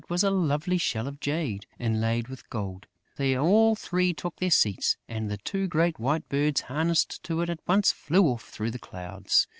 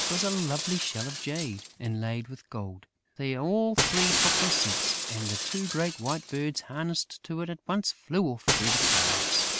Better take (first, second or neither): first